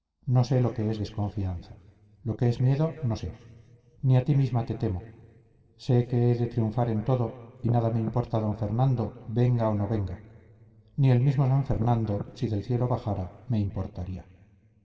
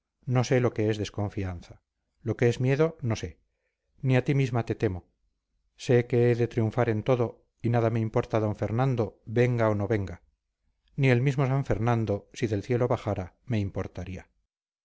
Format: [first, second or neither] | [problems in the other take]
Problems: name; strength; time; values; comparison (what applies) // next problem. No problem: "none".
second | background sound (Wind); 13 dB below the speech // room echo; dies away in 2 s